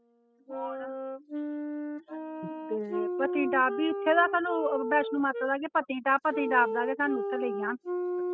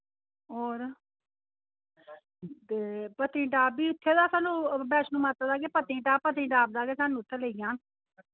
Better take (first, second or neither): second